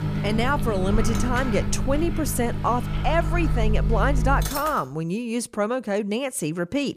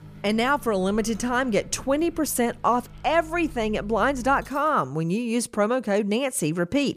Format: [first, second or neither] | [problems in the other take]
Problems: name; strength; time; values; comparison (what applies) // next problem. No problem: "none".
second | household noises; loud; until 4.5 s; 1 dB below the speech; faint in the second